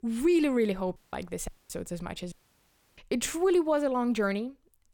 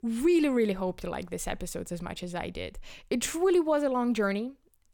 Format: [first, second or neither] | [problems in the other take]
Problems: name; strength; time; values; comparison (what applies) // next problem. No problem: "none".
second | audio cutting out; at 1 s, at 1.5 s and at 2.5 s for 0.5 s